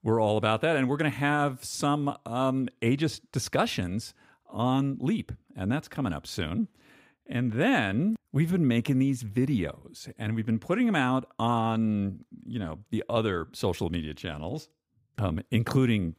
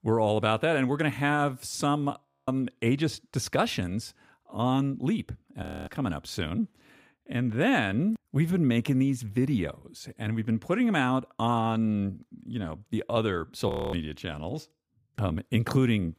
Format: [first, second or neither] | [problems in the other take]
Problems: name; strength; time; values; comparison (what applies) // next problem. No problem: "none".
first | audio freezing; at 2.5 s, at 5.5 s and at 14 s